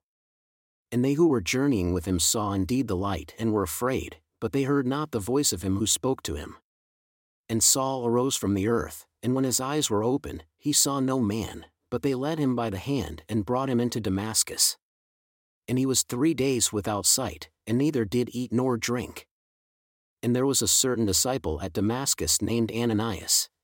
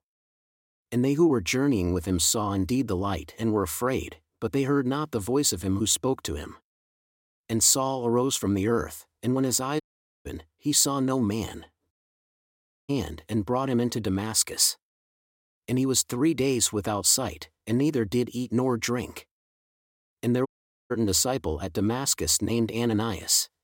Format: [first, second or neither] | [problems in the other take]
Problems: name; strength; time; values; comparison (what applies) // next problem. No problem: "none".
first | audio cutting out; at 10 s, at 12 s for 1 s and at 20 s